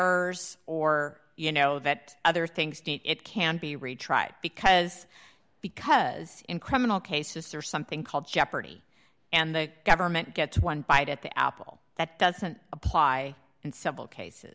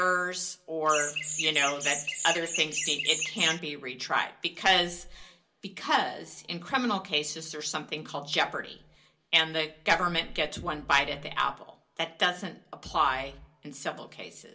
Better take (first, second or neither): first